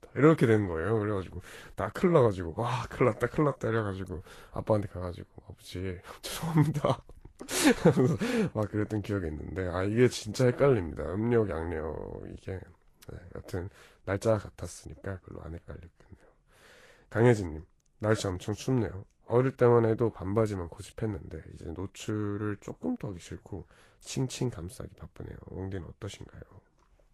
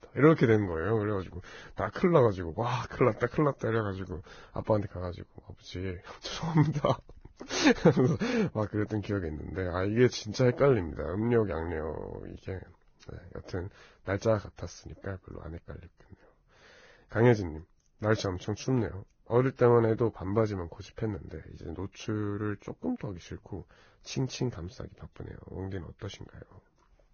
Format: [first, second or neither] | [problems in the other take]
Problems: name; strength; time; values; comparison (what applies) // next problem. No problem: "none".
first | garbled, watery; badly; nothing above 6.5 kHz; slightly in the first